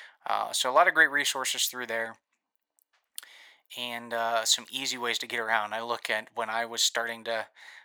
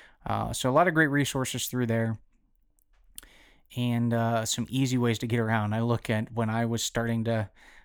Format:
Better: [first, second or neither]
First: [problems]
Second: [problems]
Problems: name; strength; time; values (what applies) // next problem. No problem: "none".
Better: second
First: thin; very; fading below 800 Hz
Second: none